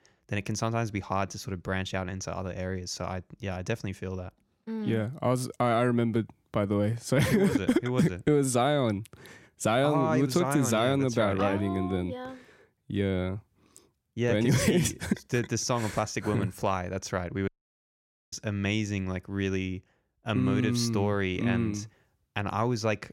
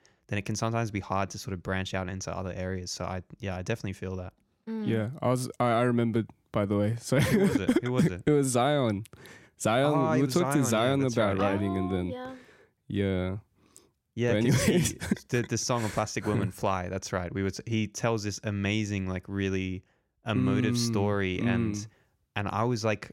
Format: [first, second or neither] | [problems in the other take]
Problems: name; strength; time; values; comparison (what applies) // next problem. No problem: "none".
second | audio cutting out; at 17 s for 1 s